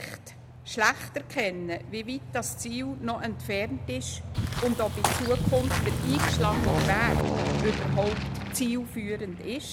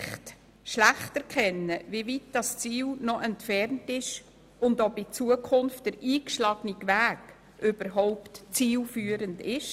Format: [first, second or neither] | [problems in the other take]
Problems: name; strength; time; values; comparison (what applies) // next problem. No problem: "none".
second | background sound (Aircraft + Walk, footsteps / Bird vocalization, bird call, bird song); as loud as the speech